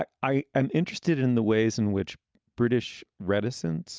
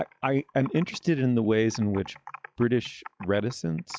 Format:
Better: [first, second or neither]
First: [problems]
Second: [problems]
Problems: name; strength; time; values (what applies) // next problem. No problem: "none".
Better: first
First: none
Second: noise reduction (classical method log-MMSE)